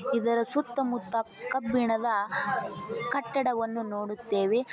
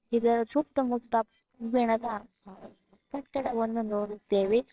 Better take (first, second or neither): first